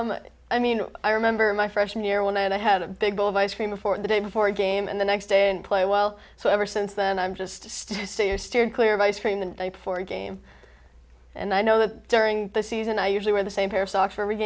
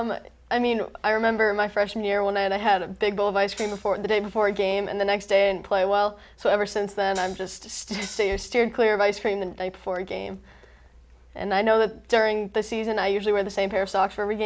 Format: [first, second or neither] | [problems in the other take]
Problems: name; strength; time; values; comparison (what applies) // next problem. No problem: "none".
first | background sound (Hi-hat); 19 dB below the speech